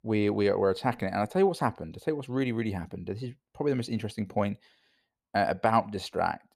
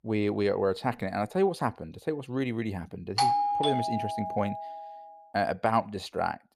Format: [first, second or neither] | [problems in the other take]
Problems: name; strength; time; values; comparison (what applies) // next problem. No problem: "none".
first | doorbell; loud; from 3 to 5 s; peak 5 dB above the speech